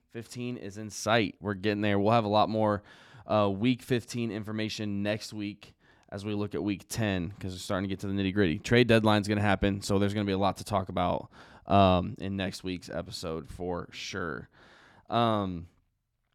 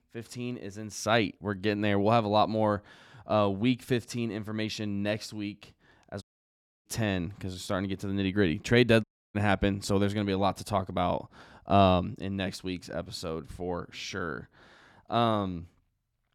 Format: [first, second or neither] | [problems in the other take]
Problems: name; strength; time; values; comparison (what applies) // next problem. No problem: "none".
first | audio cutting out; at 6 s for 0.5 s and at 9 s